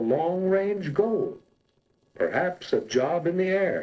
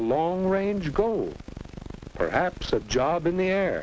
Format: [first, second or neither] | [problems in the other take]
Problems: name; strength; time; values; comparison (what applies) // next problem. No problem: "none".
second | noise reduction (neural separator model SepFormer DNS4)